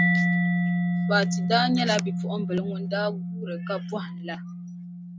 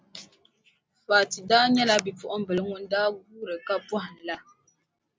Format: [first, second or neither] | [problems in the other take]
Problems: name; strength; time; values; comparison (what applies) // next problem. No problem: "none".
second | background sound (Mallet percussion); 3 dB above the speech